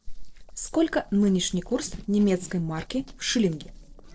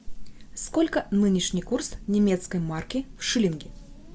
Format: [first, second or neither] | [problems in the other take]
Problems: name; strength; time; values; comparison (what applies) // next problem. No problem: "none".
second | noise reduction (neural separator model SepFormer DNS4)